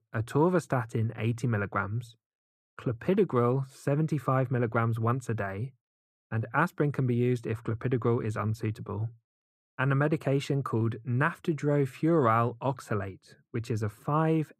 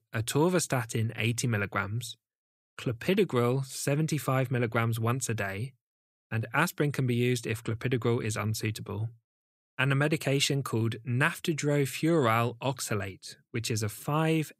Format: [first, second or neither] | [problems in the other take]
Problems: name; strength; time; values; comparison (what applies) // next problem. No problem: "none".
second | muffled; very; fading above 2 kHz